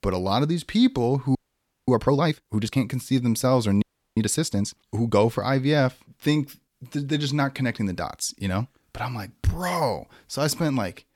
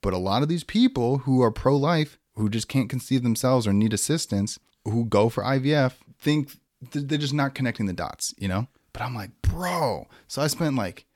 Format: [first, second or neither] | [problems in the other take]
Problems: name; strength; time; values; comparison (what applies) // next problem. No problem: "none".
second | audio freezing; at 1.5 s for 0.5 s and at 4 s